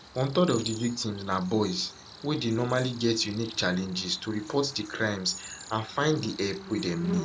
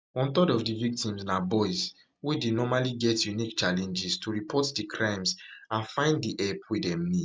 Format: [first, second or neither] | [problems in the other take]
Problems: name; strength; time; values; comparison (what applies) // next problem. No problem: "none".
second | background sound (Cricket); 15 dB below the speech